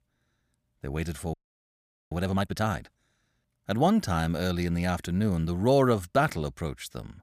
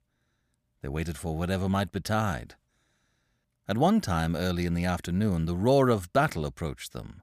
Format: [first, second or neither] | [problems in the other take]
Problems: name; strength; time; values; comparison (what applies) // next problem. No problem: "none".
second | audio freezing; at 1.5 s for 1 s